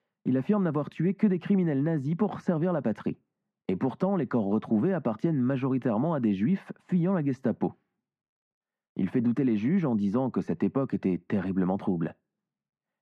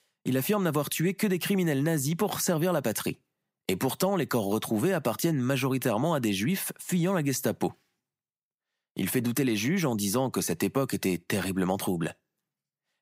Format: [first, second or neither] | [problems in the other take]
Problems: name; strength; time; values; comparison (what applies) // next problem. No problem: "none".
second | muffled; very; fading above 1.5 kHz